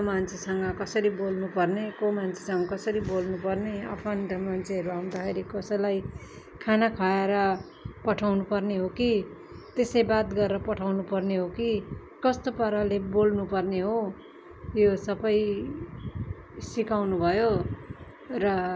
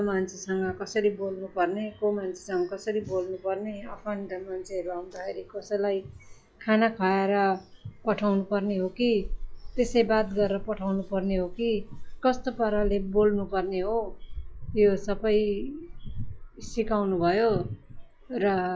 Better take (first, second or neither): first